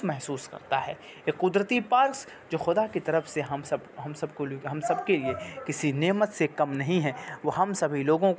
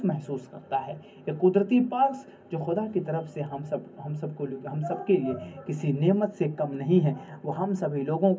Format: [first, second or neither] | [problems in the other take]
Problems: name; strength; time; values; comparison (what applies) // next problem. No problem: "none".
first | room echo; dies away in 0.3 s